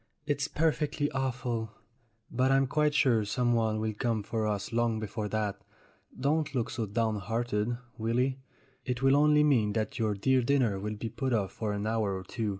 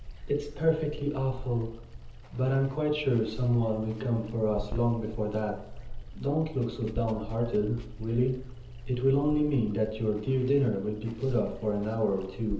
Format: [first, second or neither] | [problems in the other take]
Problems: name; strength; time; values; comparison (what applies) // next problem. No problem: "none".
first | background sound (Water); 11 dB below the speech // room echo; dies away in 0.7 s